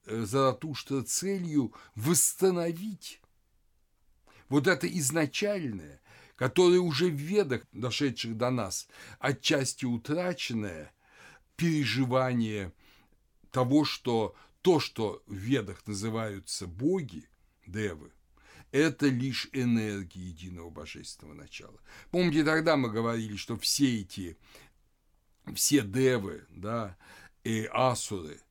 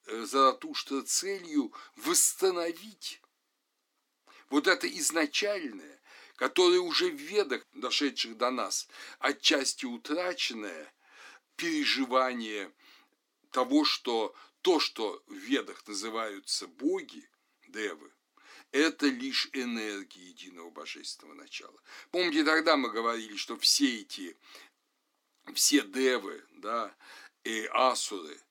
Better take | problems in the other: first | thin; very slightly; fading below 250 Hz

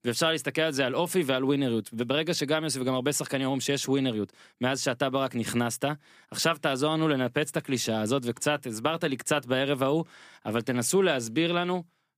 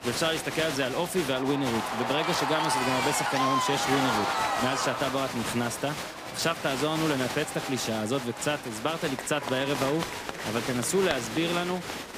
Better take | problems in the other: first | crowd noise; loud; throughout; 2 dB below the speech

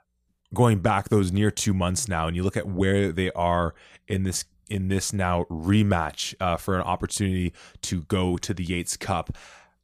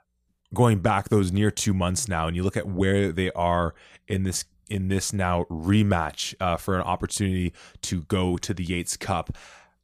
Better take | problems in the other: neither | none

